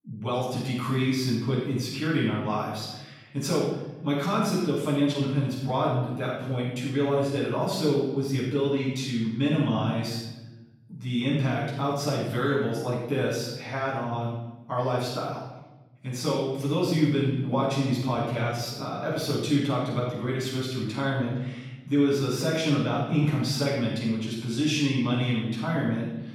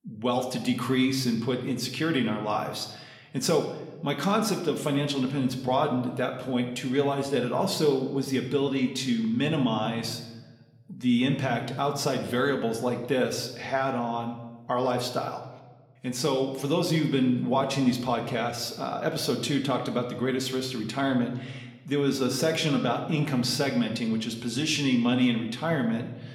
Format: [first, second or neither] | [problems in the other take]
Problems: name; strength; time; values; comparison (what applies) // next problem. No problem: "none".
second | room echo; strong; dies away in 1.1 s; slight in the second // off-mic speech; far